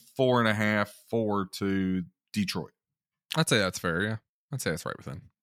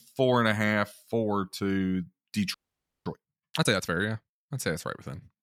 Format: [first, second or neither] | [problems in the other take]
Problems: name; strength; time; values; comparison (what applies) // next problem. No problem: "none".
first | audio freezing; at 2.5 s for 0.5 s